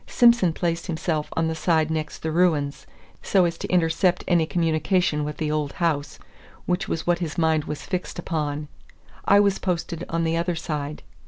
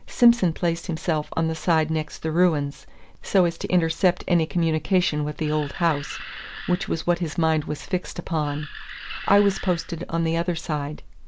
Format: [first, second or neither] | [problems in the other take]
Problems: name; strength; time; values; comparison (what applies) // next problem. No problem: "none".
first | background sound (Animal); 14 dB below the speech